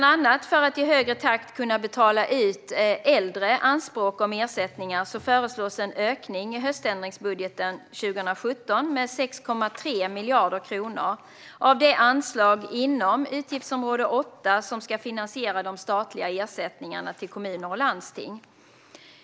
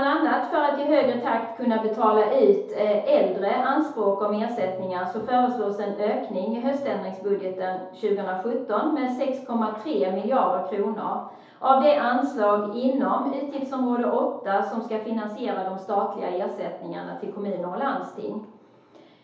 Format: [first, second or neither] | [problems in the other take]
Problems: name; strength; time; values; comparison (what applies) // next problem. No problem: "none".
first | room echo; dies away in 0.8 s